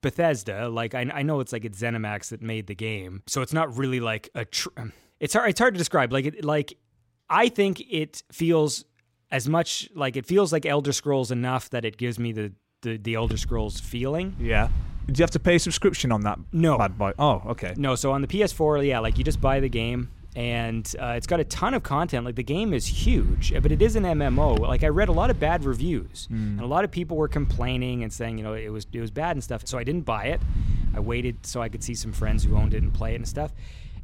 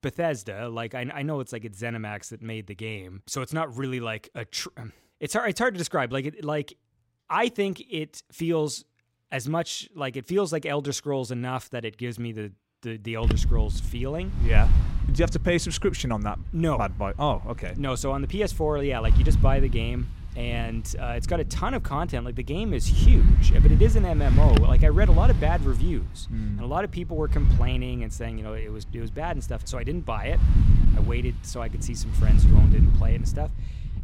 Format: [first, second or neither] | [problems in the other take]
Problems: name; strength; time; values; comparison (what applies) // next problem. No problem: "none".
first | wind noise on the microphone; heavy; from 13 s on; 8 dB below the speech; occasional gusts in the first